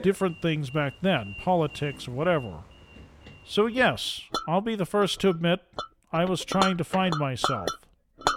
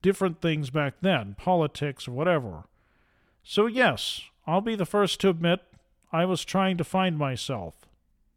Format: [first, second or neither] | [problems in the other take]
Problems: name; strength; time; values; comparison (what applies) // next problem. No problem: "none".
second | household noises; loud; throughout; 8 dB below the speech